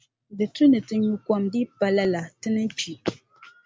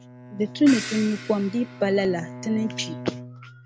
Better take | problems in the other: first | background sound (Bowed string instrument + Crash cymbal); 12 dB below the speech

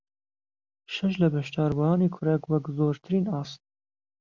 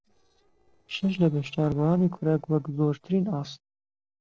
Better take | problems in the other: first | noise reduction (neural separator model SepFormer DNS4)

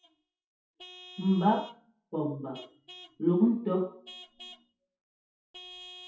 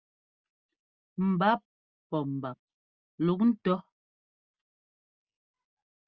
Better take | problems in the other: second | noise reduction (classical method WPE with log-MMSE)

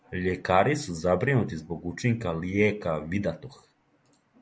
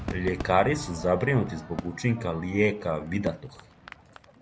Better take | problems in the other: first | background sound (Crowd / Fireworks); 12 dB below the speech

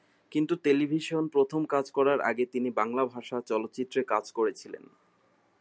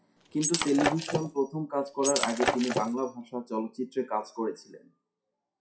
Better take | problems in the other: first | noise reduction (classical method WPE with log-MMSE)

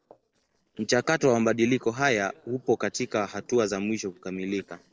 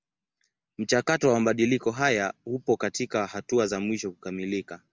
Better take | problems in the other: second | noise reduction (neural separator model SepFormer DNS4)

